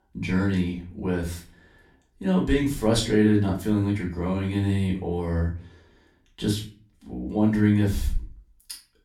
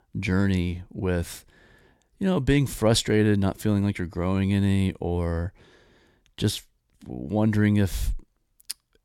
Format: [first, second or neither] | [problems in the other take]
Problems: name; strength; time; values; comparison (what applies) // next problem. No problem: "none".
second | off-mic speech; far // room echo; slight; dies away in 0.3 s